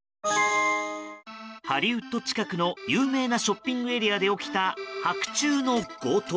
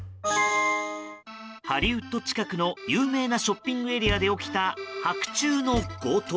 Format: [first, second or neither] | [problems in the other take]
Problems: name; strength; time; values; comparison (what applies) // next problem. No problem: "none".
first | background sound (Thump, thud); 13 dB below the speech